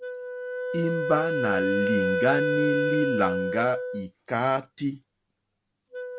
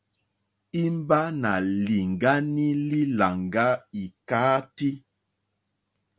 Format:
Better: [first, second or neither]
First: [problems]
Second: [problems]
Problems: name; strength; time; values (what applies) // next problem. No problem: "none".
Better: second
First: background sound (Wind instrument, woodwind instrument); as loud as the speech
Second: none